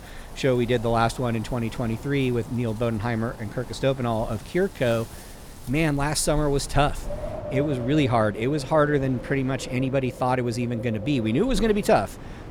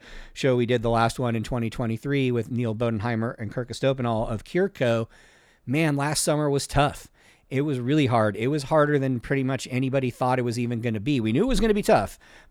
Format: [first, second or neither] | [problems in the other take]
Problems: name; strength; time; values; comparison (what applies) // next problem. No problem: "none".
second | wind in the background; noticeable; throughout; 15 dB below the speech